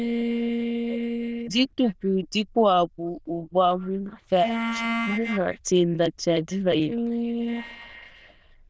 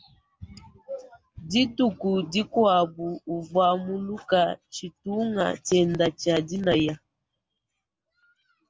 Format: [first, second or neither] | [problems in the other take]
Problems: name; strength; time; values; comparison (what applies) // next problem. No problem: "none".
second | noise reduction (neural diffusion model UNIVERSE++)